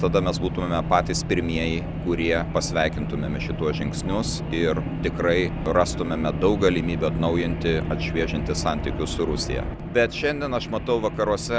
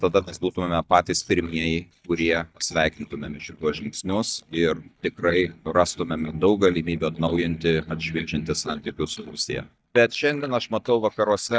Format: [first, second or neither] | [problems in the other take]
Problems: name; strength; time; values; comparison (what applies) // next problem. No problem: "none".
first | noise reduction (neural mask model DeepFilterNet 3)